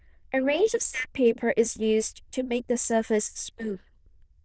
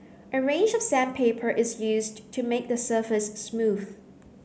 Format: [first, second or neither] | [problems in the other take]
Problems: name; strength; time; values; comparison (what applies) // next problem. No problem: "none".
second | noise reduction (neural diffusion model UNIVERSE++)